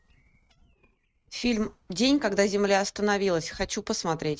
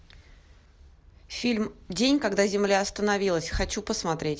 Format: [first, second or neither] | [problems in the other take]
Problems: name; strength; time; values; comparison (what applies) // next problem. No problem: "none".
second | noise reduction (neural mask model RNNoise)